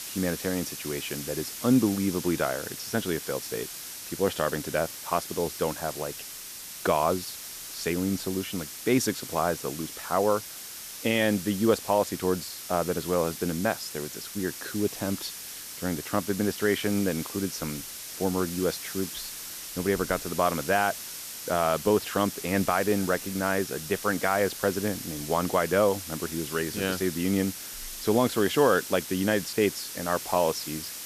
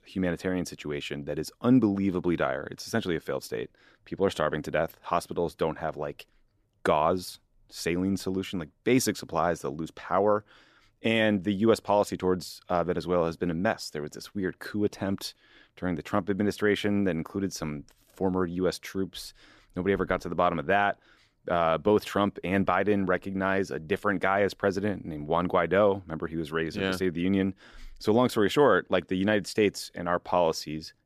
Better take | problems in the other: second | hiss; loud; throughout; 8 dB below the speech

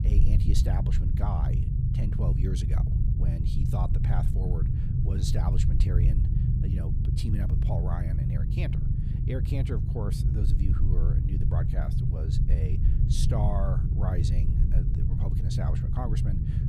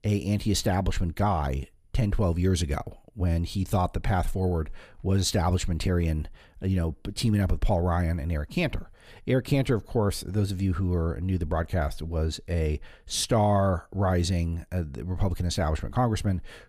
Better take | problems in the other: second | low rumble; loud; throughout; as loud as the speech

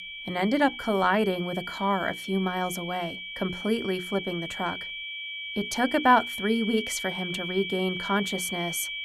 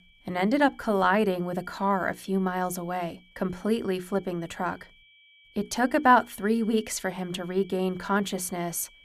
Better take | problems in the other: second | high-pitched whine; loud; throughout; 2.5 kHz, 6 dB below the speech; faint in the second

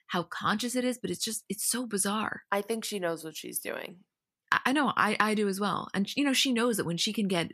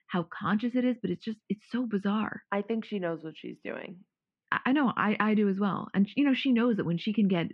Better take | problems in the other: first | muffled; very; fading above 2.5 kHz

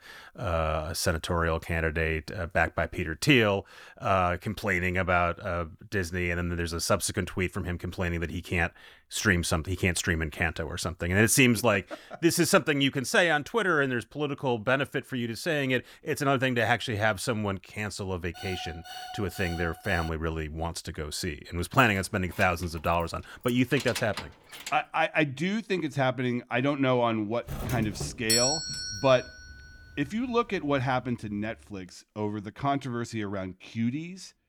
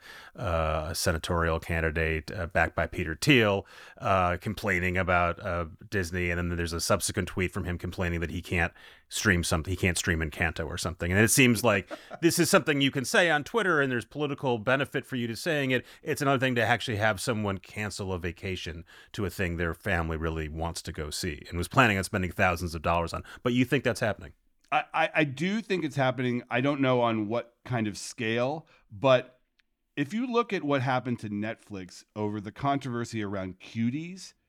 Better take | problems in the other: second | alarm; faint; from 18 to 20 s; peak 10 dB below the speech // jangling keys; noticeable; from 22 to 25 s; peak 8 dB below the speech // doorbell; loud; from 27 to 29 s; peak 4 dB above the speech

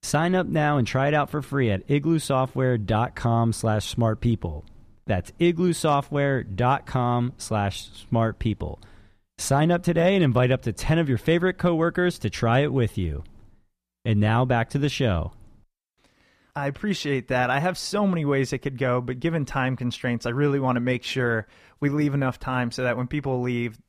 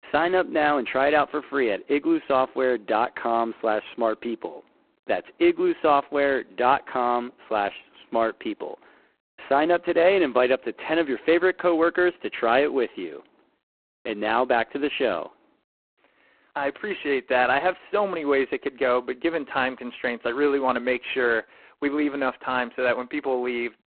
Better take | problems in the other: first | phone-call audio; poor line; nothing above 4 kHz

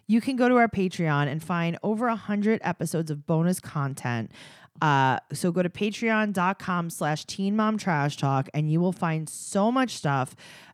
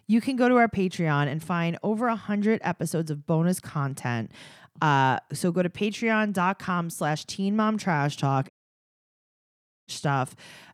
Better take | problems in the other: first | audio cutting out; at 8.5 s for 1.5 s

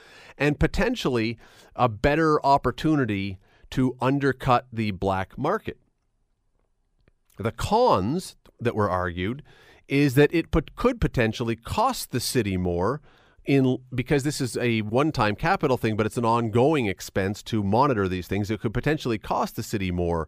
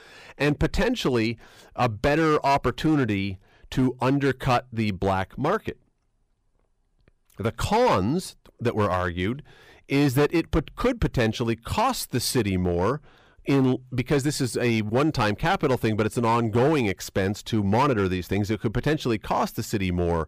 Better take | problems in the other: first | distortion; slight; 6% of the sound clipped

